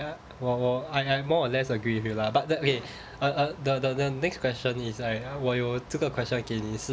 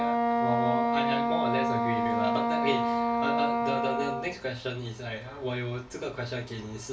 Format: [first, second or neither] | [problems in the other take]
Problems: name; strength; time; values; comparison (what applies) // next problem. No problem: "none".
first | background sound (Wind instrument, woodwind instrument); 4 dB above the speech // room echo; dies away in 0.3 s